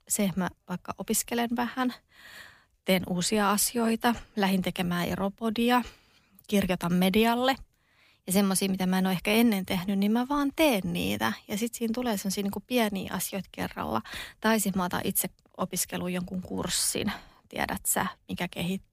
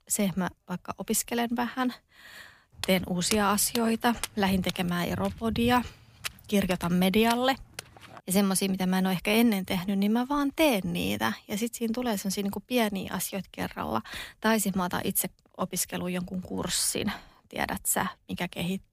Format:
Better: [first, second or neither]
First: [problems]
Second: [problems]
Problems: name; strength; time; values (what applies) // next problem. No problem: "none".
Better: first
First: none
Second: footsteps; noticeable; from 3 to 8 s; peak 6 dB below the speech